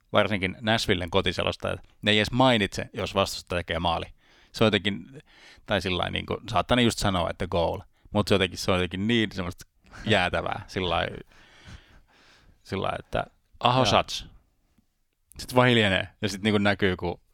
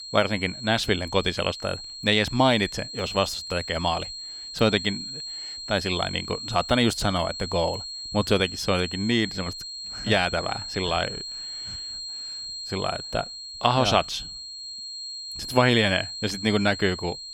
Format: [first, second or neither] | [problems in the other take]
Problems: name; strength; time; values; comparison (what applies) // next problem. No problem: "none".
first | high-pitched whine; loud; throughout; 4 kHz, 9 dB below the speech